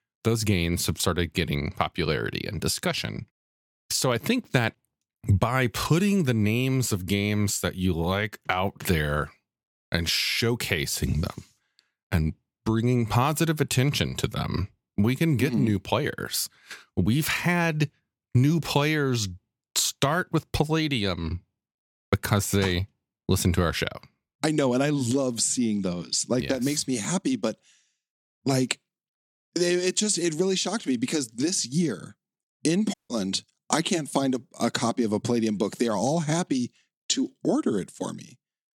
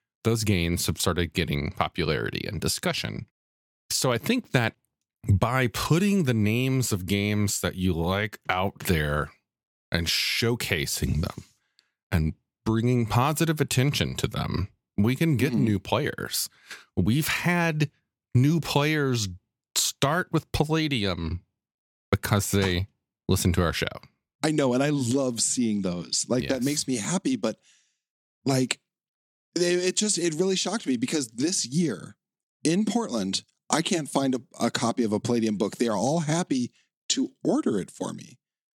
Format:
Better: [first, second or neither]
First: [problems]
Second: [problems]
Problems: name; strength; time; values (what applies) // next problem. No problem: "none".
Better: second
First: audio cutting out; at 33 s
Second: none